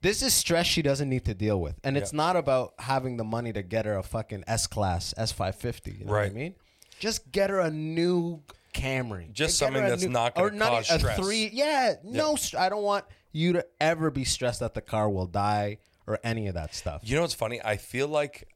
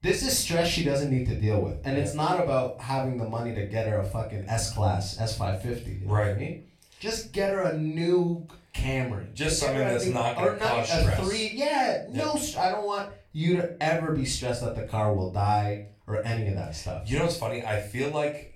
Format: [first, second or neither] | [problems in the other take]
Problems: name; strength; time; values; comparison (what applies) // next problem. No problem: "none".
first | off-mic speech; far // room echo; slight; dies away in 0.3 s